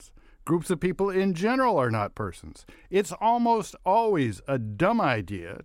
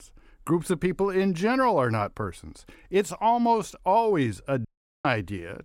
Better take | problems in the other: first | audio cutting out; at 4.5 s

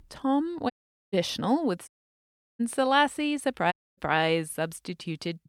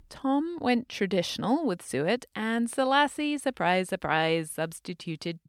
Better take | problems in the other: second | audio cutting out; at 0.5 s, at 2 s for 0.5 s and at 3.5 s

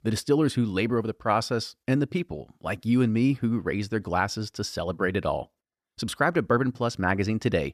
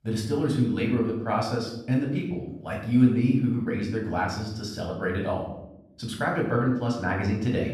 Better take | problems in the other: first | off-mic speech; far // room echo; noticeable; dies away in 0.8 s

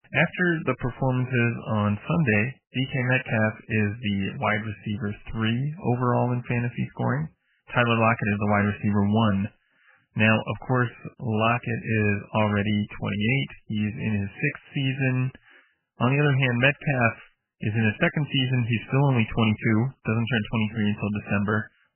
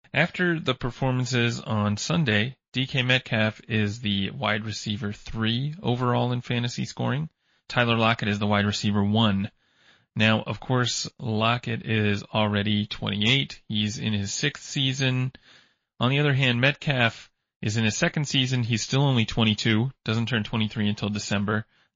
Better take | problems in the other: second | garbled, watery; badly; nothing above 3 kHz; slightly in the second

